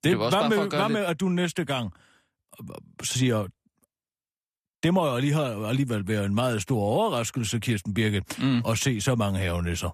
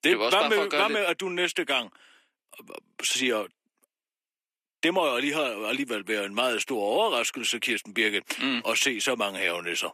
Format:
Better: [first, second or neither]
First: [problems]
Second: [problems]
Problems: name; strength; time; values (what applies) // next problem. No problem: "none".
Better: first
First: none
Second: thin; somewhat; fading below 300 Hz